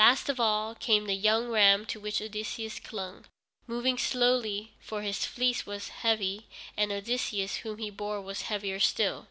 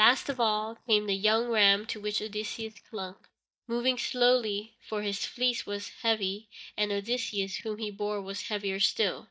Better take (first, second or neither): first